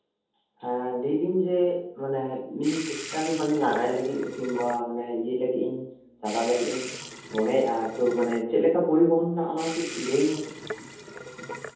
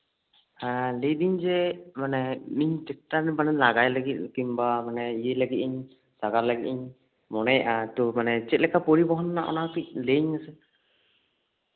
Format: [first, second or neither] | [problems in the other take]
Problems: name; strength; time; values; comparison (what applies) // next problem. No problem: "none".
second | background sound (Sink (filling or washing) / Water tap, faucet); 11 dB below the speech // room echo; dies away in 0.7 s